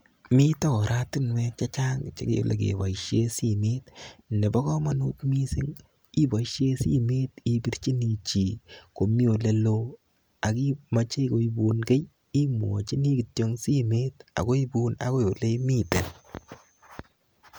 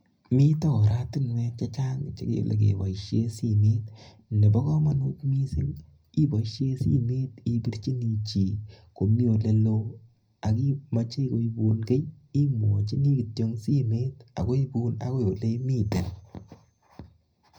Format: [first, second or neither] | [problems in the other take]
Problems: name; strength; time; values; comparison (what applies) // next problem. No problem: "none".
first | room echo; dies away in 0.3 s